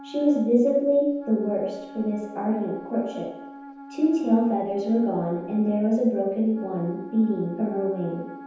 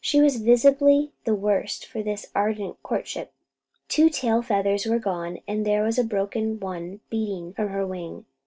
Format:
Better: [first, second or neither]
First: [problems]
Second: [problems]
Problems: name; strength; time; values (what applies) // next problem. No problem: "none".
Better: second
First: background sound (Wind instrument, woodwind instrument); 18 dB below the speech // room echo; dies away in 0.9 s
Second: none